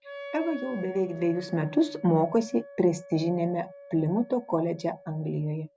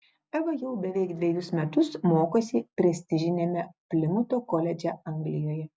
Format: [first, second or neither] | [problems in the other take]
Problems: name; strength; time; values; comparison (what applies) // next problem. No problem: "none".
second | background sound (Wind instrument, woodwind instrument); 17 dB below the speech